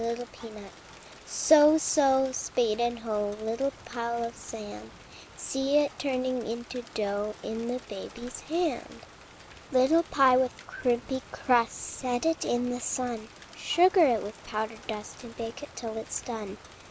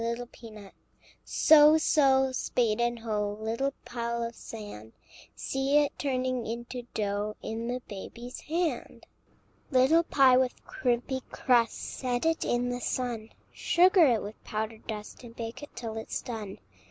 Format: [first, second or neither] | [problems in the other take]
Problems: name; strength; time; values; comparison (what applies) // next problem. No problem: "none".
second | background sound (Rain); 20 dB below the speech